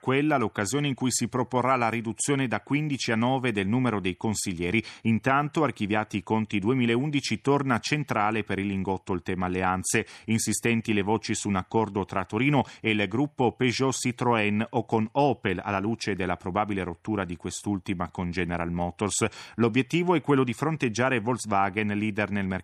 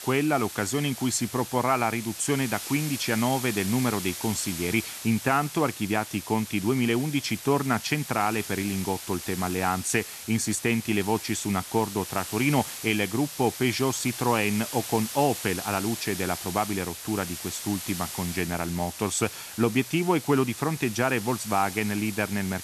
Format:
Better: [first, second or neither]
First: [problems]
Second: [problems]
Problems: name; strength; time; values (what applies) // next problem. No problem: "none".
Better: first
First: none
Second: hiss; loud; throughout; 9 dB below the speech